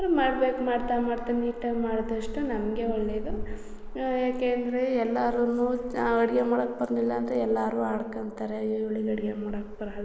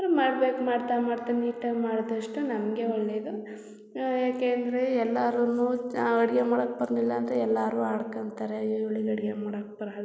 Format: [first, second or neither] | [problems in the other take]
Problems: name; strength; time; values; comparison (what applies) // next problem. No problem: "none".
second | background sound (Traffic noise, roadway noise); 11 dB below the speech